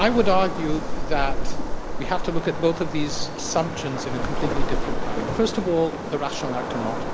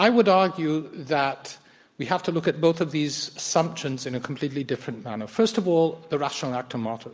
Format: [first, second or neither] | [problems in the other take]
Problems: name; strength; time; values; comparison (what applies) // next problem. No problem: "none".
second | background sound (Waves, surf); 2 dB above the speech